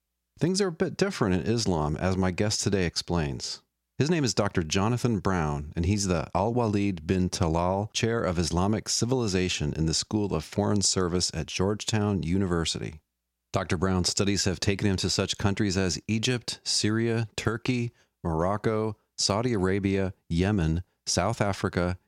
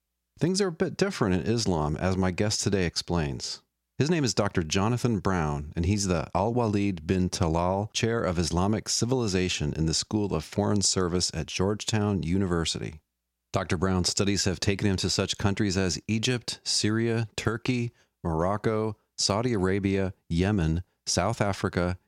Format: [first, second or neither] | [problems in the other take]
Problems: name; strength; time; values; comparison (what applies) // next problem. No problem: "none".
neither | none